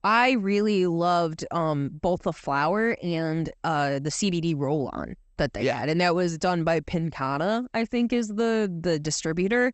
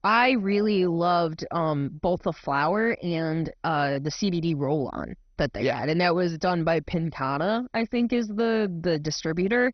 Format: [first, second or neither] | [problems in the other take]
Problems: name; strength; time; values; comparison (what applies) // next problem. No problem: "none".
first | garbled, watery; badly; nothing above 6 kHz; slightly in the first